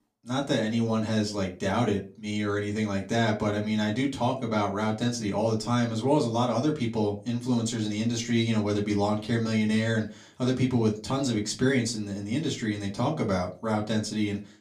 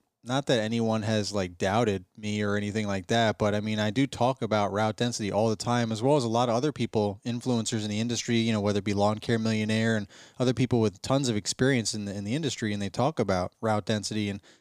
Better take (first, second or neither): second